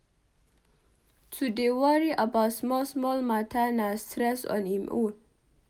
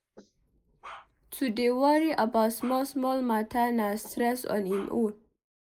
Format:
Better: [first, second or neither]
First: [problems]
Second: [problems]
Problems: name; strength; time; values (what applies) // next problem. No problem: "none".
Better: first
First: none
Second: noise reduction (neural mask model Resemble Enhance denoiser)